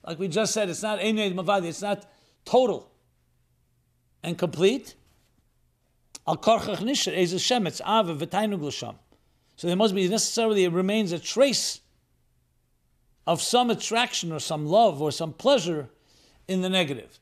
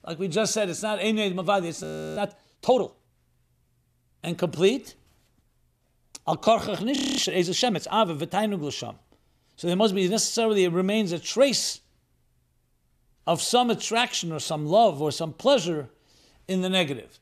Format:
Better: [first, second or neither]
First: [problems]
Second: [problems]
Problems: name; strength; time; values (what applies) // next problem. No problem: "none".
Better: first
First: none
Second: audio freezing; at 2 s and at 7 s